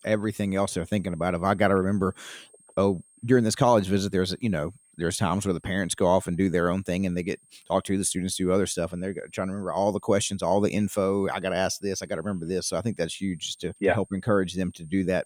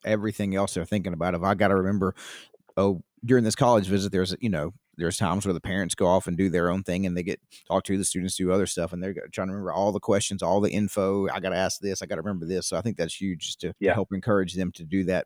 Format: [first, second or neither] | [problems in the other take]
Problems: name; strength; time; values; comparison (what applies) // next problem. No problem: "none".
second | high-pitched whine; faint; throughout; 8.5 kHz, 30 dB below the speech